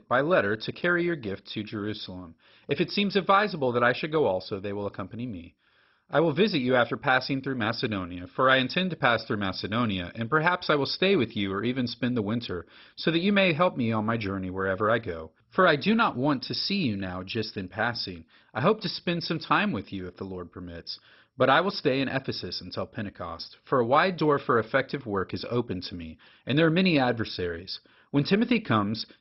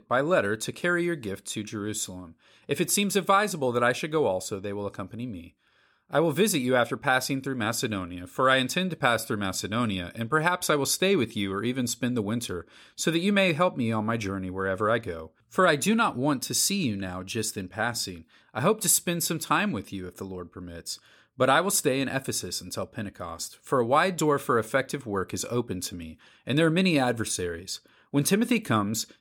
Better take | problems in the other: second | garbled, watery; badly; nothing above 5.5 kHz

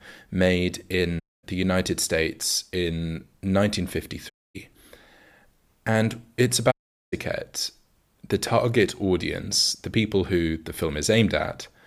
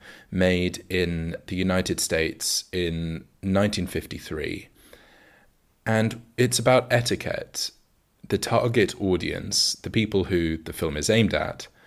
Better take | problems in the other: second | audio cutting out; at 1 s, at 4.5 s and at 6.5 s

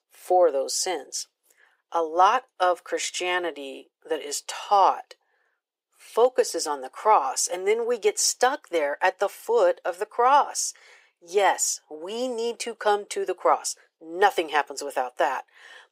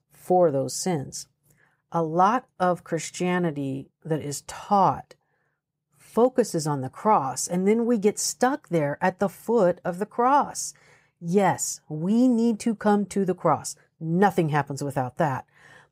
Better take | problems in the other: second | thin; very; fading below 400 Hz

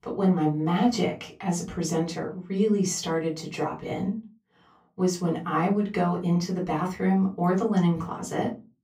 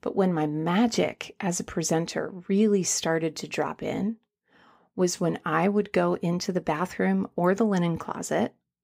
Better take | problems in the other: second | off-mic speech; far // room echo; very slight; dies away in 0.3 s

